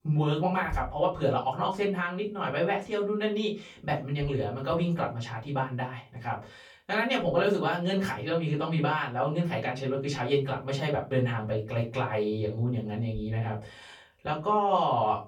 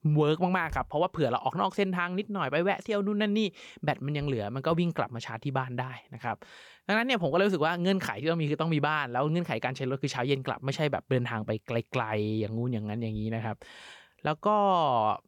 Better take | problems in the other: second | off-mic speech; far // room echo; very slight; dies away in 0.3 s

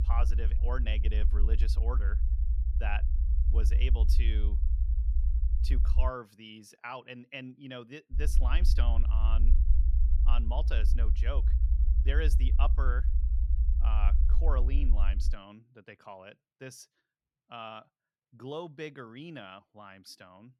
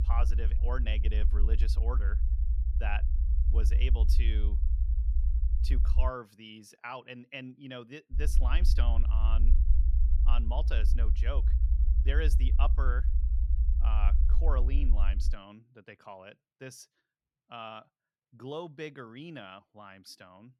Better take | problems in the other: neither | low rumble; loud; until 6 s and from 8 to 15 s; 8 dB below the speech; the same in both

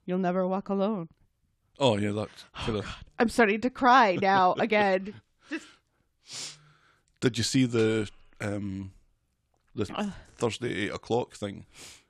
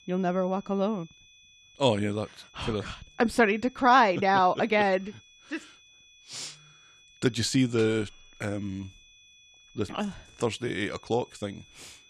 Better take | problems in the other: first | high-pitched whine; faint; throughout; 3.5 kHz, 25 dB below the speech

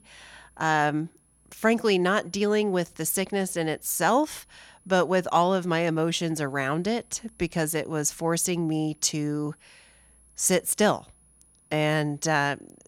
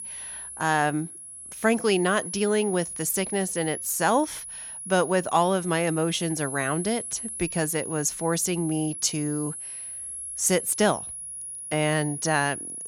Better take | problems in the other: first | high-pitched whine; loud; throughout; 10.5 kHz, 8 dB below the speech; faint in the first

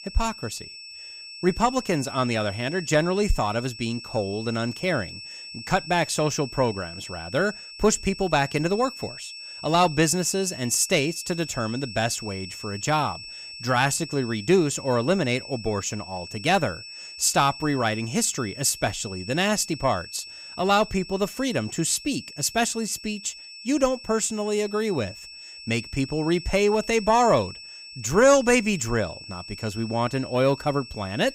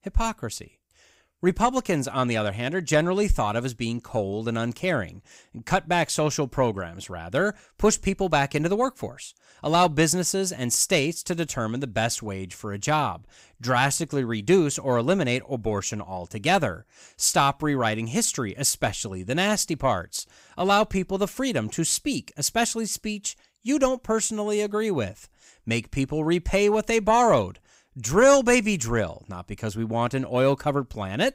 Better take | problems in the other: second | high-pitched whine; noticeable; throughout; 5.5 kHz, 15 dB below the speech

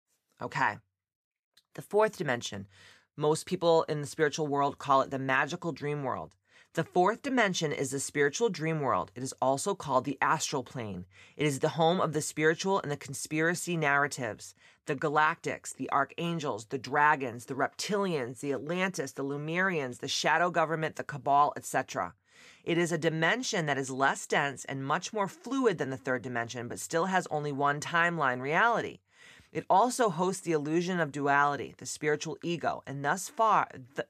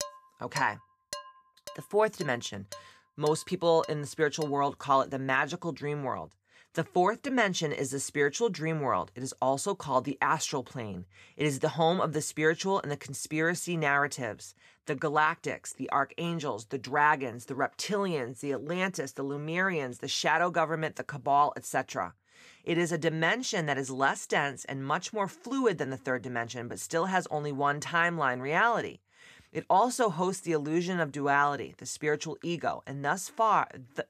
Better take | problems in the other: first | clattering dishes; noticeable; until 4.5 s; peak 10 dB below the speech

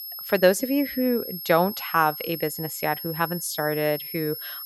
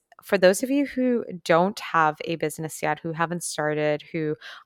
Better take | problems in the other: second | high-pitched whine; loud; throughout; 11.5 kHz, 8 dB below the speech

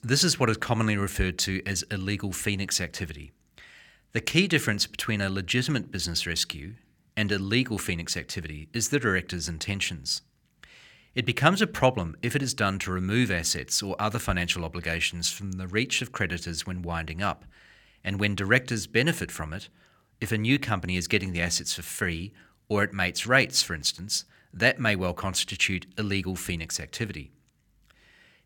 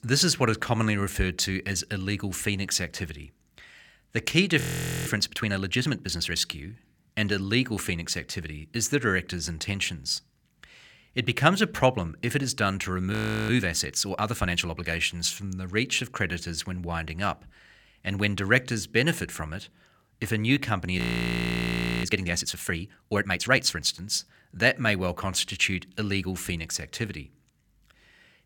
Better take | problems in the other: first | audio freezing; at 4.5 s, at 13 s and at 21 s for 1 s

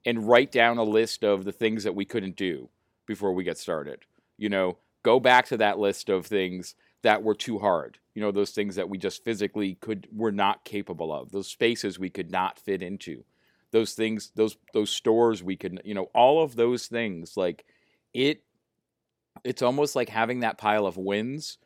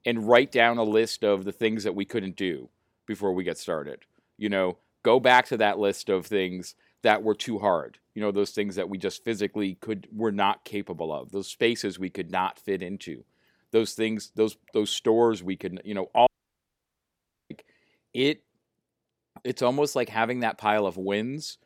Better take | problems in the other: first | audio cutting out; at 16 s for 1 s

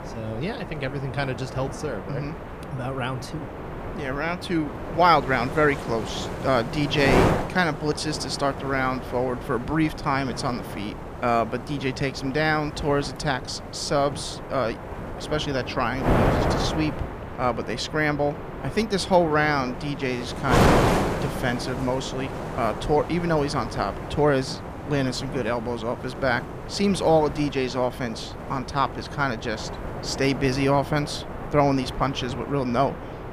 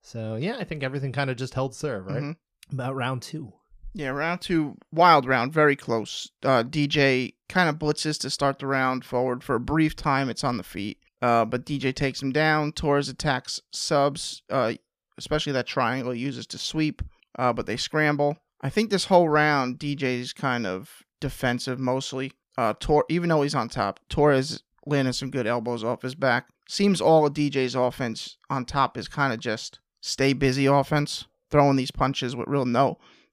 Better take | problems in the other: second | wind noise on the microphone; heavy; 6 dB below the speech

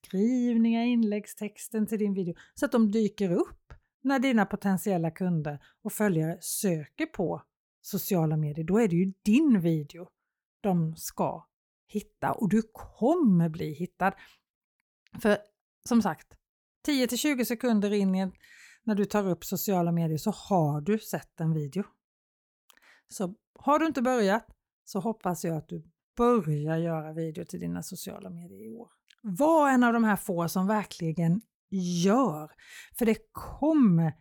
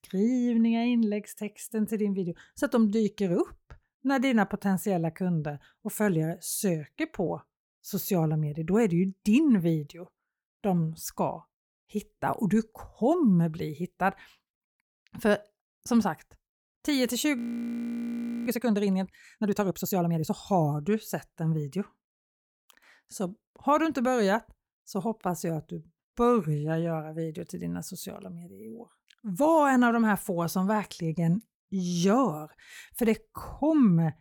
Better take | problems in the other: first | audio freezing; at 17 s for 1 s

